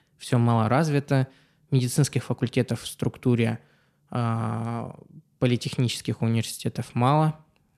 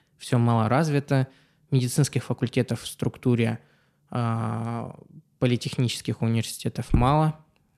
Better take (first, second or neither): first